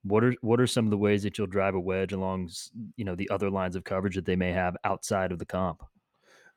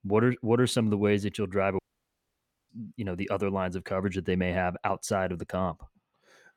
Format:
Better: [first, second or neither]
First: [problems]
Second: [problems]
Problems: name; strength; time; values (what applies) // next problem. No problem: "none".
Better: first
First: none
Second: audio cutting out; at 2 s for 1 s